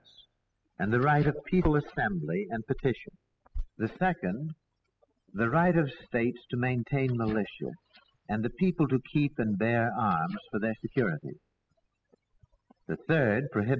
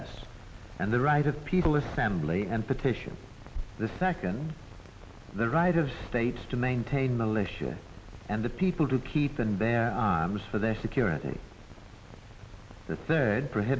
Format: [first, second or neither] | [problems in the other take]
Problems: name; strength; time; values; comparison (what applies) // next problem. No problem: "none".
second | noise reduction (classical method spectral subtraction)